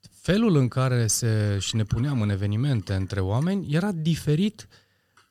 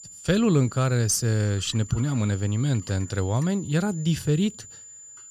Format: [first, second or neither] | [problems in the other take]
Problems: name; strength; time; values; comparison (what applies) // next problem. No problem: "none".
first | high-pitched whine; noticeable; throughout; 7 kHz, 15 dB below the speech